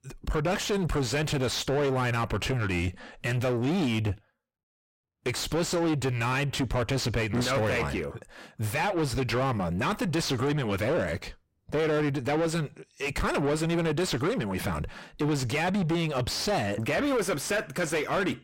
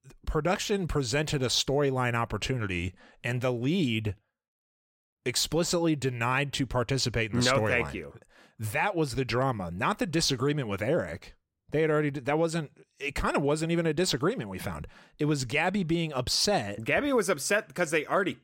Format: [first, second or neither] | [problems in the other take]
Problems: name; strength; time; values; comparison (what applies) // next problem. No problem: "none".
second | distortion; heavy; 6 dB below the speech